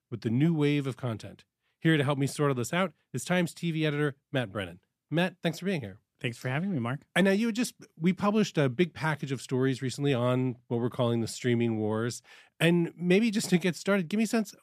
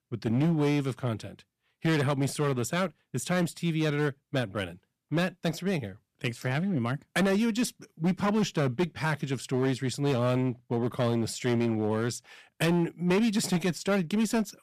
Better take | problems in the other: first | distortion; slight; 8% of the sound clipped

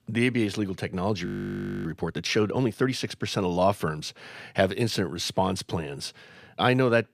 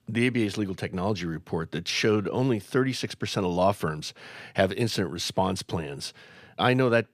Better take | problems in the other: second | audio freezing; at 1.5 s for 0.5 s

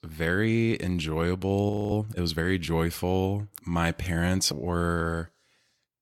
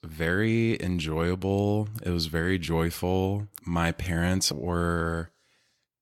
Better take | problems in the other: second | audio freezing; at 1.5 s

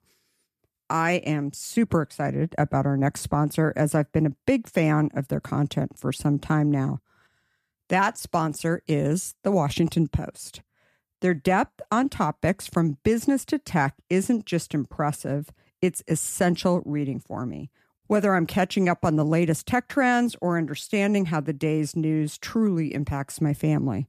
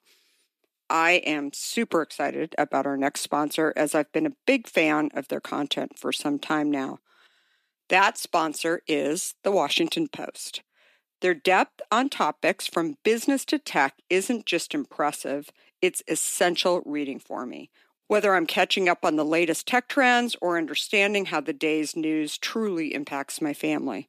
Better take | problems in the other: first | thin; somewhat; fading below 300 Hz

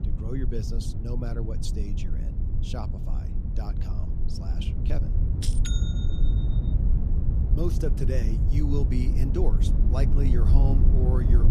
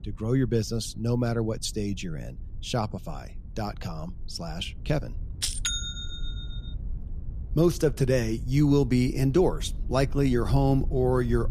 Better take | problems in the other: second | low rumble; loud; throughout; 3 dB below the speech; faint in the second

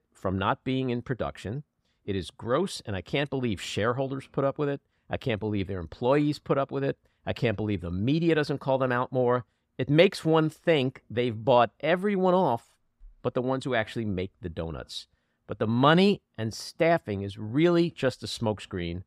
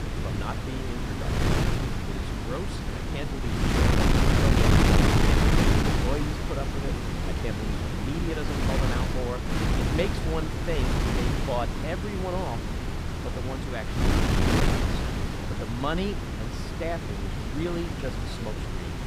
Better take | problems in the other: first | wind noise on the microphone; heavy; 5 dB above the speech

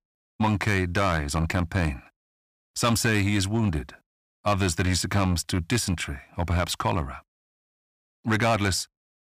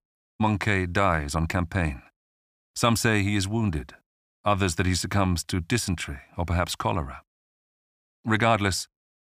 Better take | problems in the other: second | distortion; slight; 4% of the sound clipped

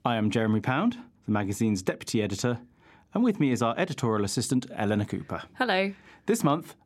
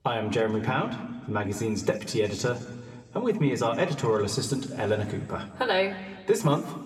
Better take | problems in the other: first | room echo; slight; dies away in 1.6 s

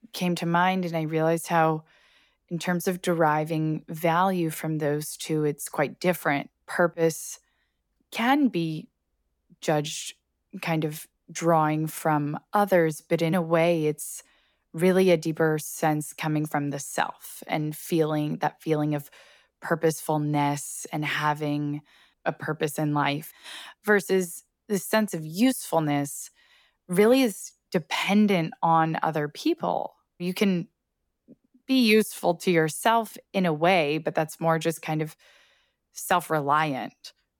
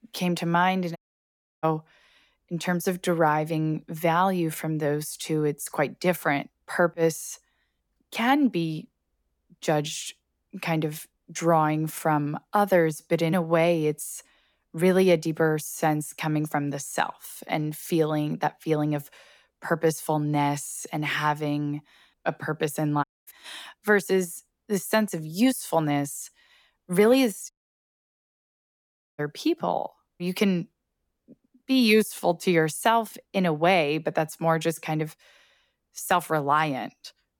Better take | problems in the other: first | audio cutting out; at 1 s for 0.5 s, at 23 s and at 28 s for 1.5 s

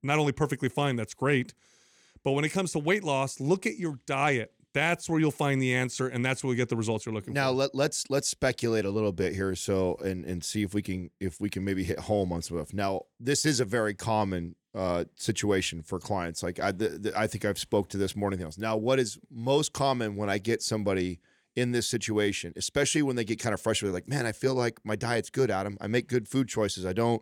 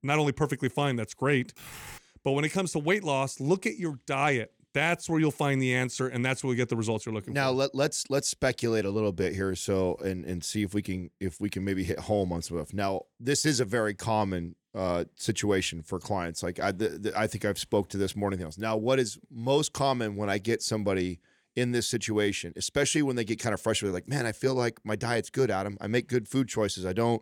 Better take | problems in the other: first | keyboard typing; faint; at 1.5 s; peak 15 dB below the speech

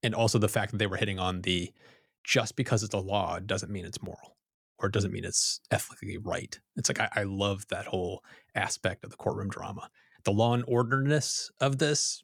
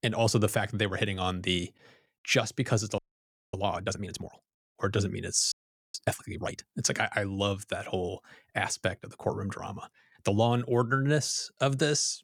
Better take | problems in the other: first | audio freezing; at 3 s for 0.5 s and at 5.5 s

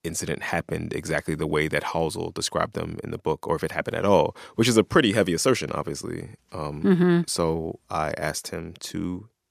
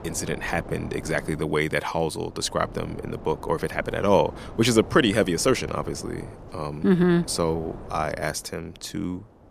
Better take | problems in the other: first | wind noise on the microphone; occasional gusts; 20 dB below the speech

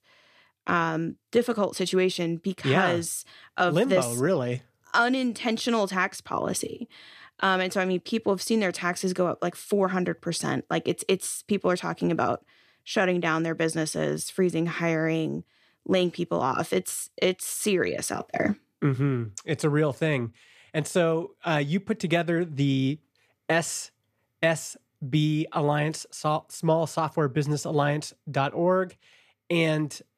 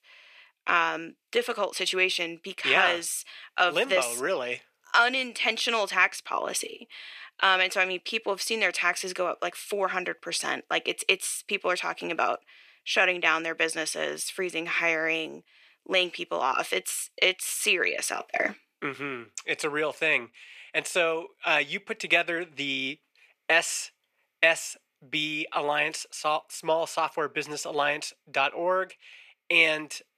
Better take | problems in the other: first | thin; very; fading below 550 Hz

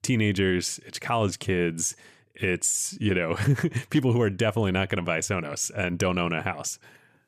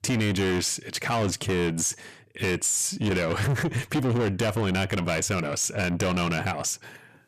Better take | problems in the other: first | distortion; heavy; 7 dB below the speech

